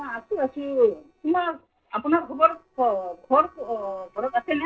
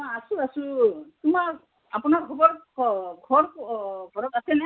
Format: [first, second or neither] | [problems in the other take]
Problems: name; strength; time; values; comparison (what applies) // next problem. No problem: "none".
second | noise reduction (neural separator model SepFormer DNS4)